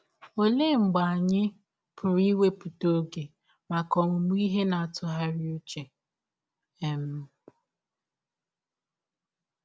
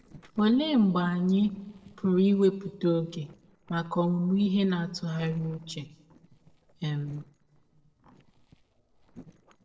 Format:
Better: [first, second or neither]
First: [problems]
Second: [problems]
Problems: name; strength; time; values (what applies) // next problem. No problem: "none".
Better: first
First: none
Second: noise reduction (neural separator model SepFormer DNS4)